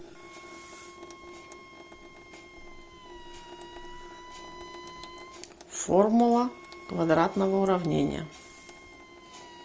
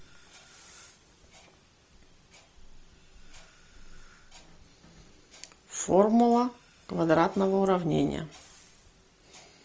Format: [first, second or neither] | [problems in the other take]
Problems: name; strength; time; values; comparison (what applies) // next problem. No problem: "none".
second | background sound (Wind instrument, woodwind instrument + Sink (filling or washing) / Water tap, faucet); 17 dB below the speech